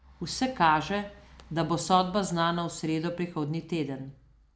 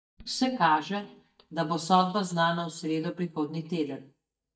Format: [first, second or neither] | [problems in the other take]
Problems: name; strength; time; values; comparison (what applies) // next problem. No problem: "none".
first | noise reduction (neural mask model DeepFilterNet 3)